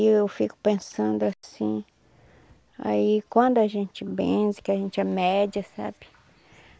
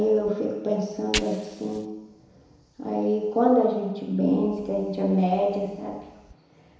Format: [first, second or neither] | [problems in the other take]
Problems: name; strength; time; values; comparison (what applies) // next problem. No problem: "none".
first | background sound (Fire); 16 dB below the speech // room echo; dies away in 1 s